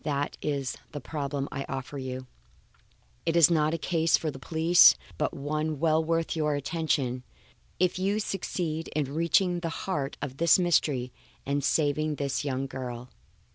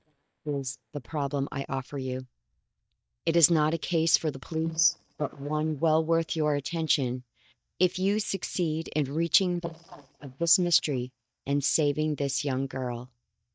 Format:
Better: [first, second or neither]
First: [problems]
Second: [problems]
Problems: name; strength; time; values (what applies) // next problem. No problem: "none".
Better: first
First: none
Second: noise reduction (neural mask model DeepFilterNet 3)